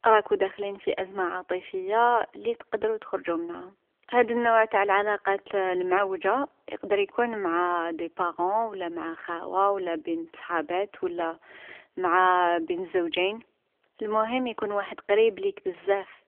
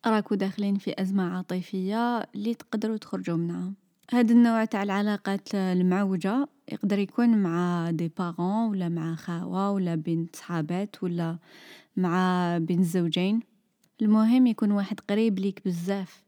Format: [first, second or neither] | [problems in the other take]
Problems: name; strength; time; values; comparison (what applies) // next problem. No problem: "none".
second | phone-call audio; nothing above 3.5 kHz